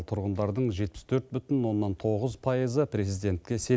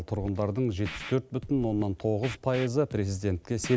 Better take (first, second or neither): first